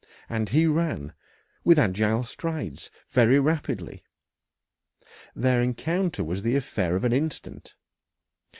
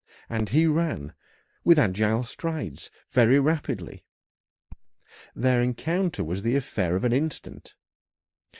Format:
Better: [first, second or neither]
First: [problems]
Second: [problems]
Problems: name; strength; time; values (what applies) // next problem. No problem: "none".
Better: first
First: none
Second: noise reduction (neural mask model DeepFilterNet 3)